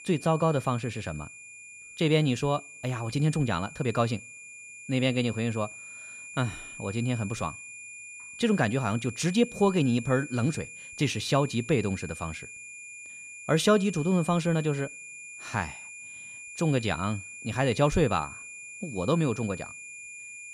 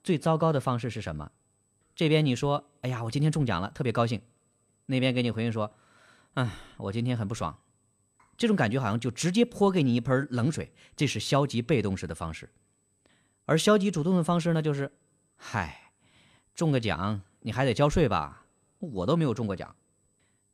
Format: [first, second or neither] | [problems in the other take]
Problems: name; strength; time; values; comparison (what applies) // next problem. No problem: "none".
second | high-pitched whine; noticeable; throughout; 2.5 kHz, 15 dB below the speech